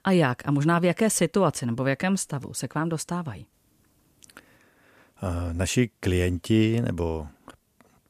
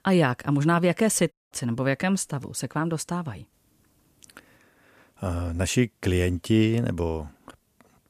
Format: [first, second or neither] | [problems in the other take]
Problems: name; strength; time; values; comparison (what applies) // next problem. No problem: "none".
first | audio cutting out; at 1.5 s